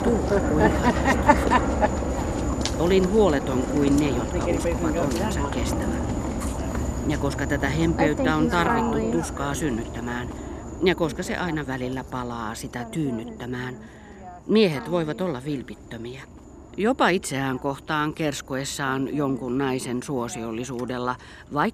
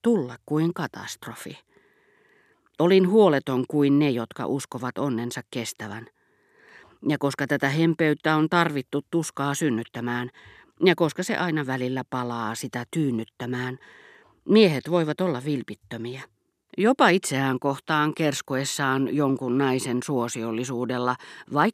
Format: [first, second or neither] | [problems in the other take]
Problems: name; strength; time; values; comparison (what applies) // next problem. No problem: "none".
second | animal sounds; very loud; throughout; as loud as the speech